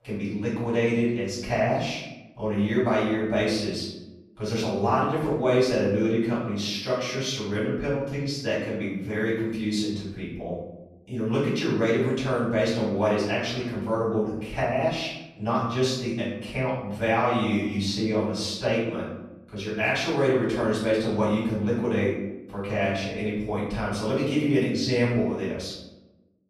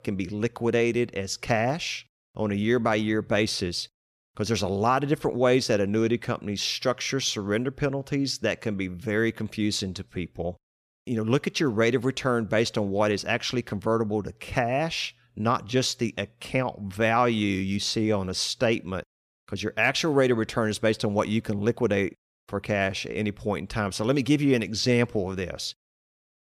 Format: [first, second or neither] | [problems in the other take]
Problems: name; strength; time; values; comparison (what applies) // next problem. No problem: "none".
second | off-mic speech; far // room echo; noticeable; dies away in 0.9 s